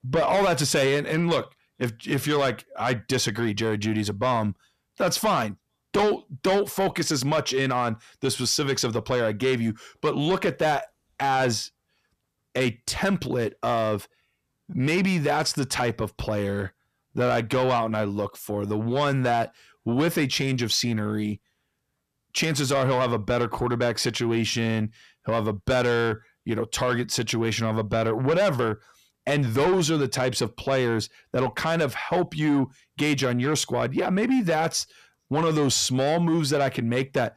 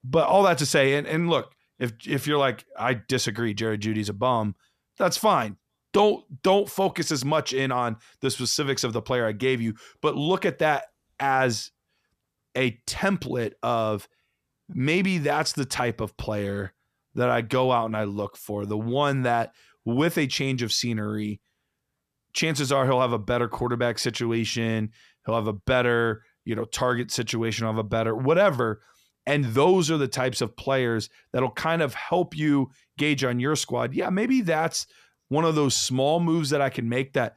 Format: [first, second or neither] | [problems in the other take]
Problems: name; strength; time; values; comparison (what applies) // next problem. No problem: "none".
second | distortion; slight; 10 dB below the speech